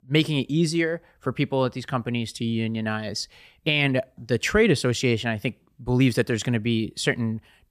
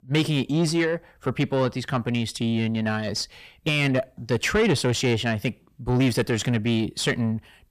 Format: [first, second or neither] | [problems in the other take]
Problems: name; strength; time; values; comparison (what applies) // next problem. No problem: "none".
first | distortion; slight; 10 dB below the speech